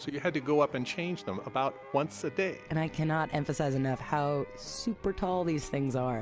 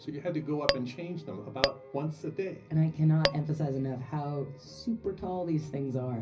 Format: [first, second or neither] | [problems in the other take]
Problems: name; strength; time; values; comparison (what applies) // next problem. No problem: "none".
first | background sound (Tap / Glass); 1 dB above the speech // room echo; dies away in 0.4 s